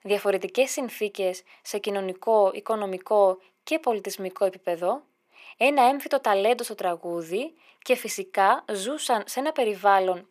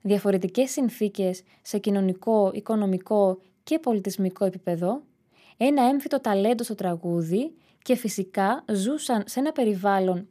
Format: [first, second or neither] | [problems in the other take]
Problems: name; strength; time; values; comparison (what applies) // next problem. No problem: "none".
second | thin; somewhat; fading below 500 Hz